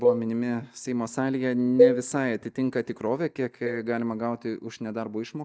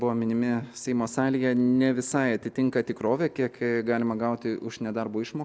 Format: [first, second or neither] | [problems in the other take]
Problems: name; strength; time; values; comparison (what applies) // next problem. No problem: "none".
second | noise reduction (neural mask model DeepFilterNet 3)